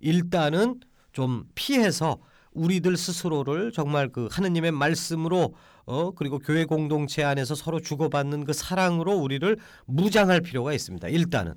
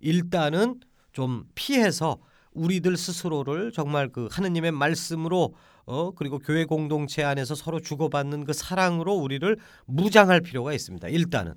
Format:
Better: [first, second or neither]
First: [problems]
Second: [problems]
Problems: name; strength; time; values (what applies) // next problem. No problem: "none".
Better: second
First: distortion; slight; 10 dB below the speech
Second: none